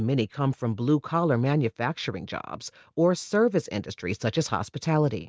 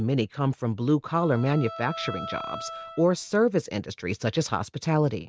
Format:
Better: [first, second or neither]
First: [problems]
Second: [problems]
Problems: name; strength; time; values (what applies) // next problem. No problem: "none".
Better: first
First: none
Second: background sound (Bowed string instrument); 13 dB below the speech